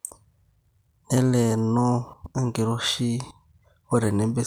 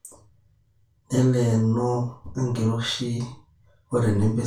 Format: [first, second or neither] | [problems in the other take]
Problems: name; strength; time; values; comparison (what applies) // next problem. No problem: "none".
first | room echo; dies away in 0.2 s